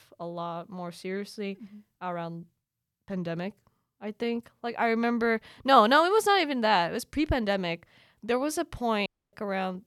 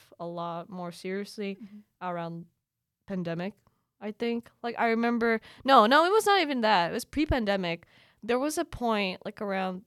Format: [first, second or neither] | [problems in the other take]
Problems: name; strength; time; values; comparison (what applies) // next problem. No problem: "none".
second | audio cutting out; at 9 s